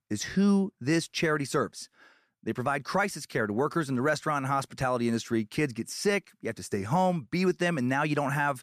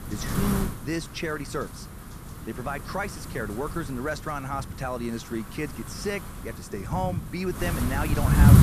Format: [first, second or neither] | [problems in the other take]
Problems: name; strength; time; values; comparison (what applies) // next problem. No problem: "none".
first | wind noise on the microphone; heavy; 5 dB below the speech